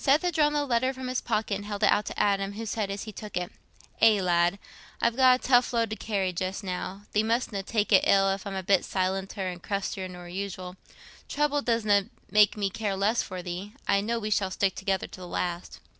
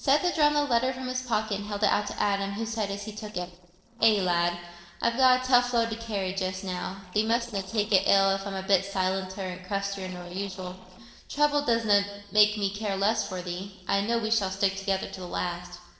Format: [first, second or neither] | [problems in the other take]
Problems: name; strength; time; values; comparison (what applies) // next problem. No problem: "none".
first | noise reduction (neural separator model SepFormer DNS4)